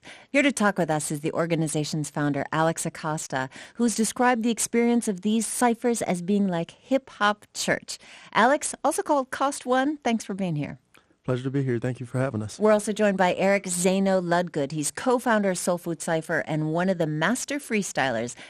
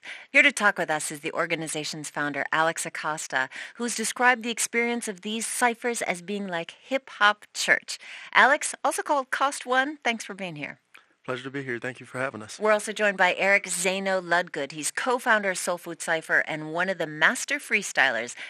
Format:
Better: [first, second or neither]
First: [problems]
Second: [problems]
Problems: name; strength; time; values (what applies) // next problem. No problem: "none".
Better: first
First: none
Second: thin; somewhat; fading below 550 Hz